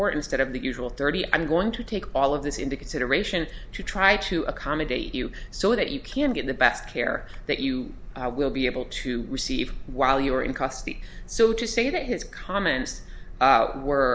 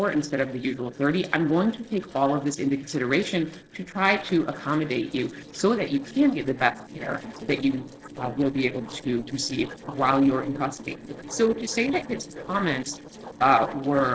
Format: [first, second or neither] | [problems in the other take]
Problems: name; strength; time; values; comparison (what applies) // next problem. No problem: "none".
first | noise reduction (neural separator model SepFormer DNS4)